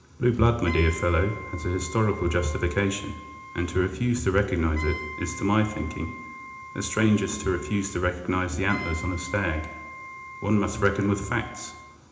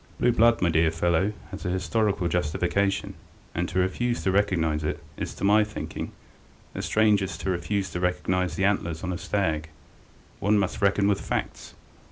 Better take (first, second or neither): second